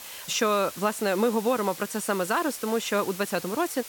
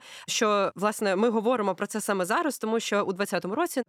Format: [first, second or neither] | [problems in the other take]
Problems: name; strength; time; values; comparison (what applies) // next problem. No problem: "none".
second | hiss; noticeable; throughout; 10 dB below the speech